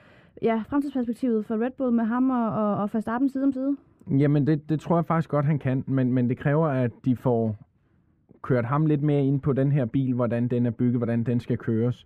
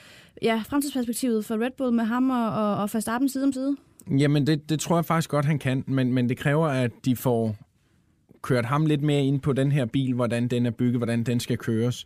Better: second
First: muffled; very; fading above 3 kHz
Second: none

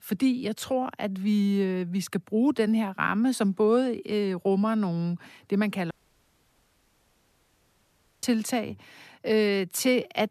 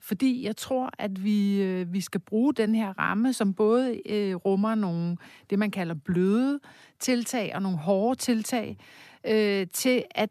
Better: second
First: audio cutting out; at 6 s for 2.5 s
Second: none

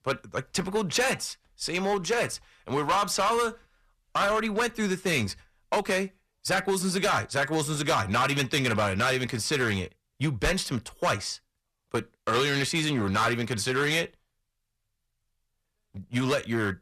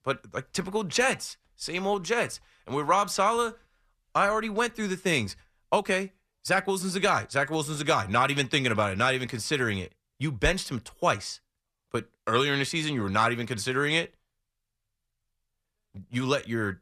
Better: second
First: distortion; heavy; 7% of the sound clipped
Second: none

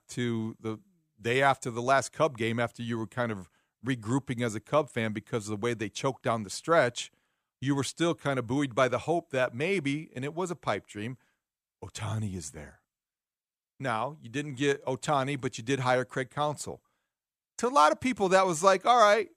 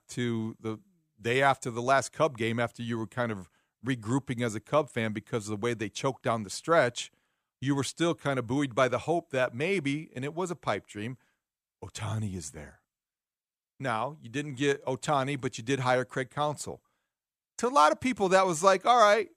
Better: neither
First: none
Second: none

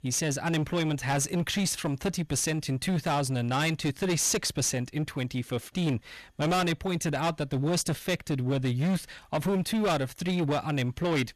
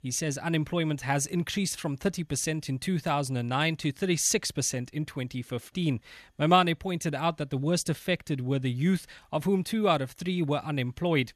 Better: second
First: distortion; heavy; 17% of the sound clipped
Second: none

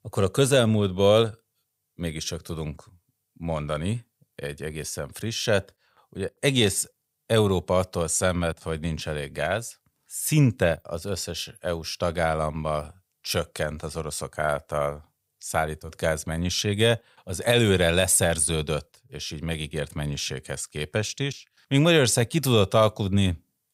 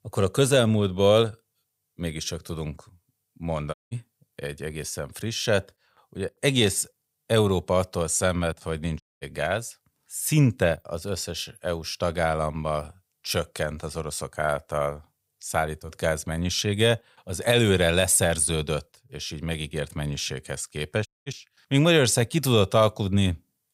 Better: first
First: none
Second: audio cutting out; at 3.5 s, at 9 s and at 21 s

